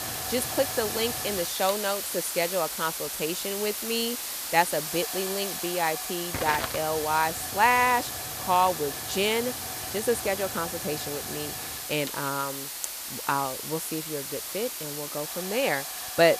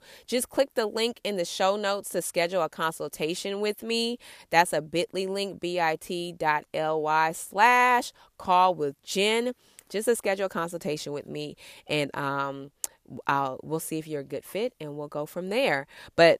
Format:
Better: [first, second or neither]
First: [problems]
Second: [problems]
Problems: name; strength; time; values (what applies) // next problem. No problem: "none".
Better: second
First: hiss; loud; throughout; 3 dB below the speech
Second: none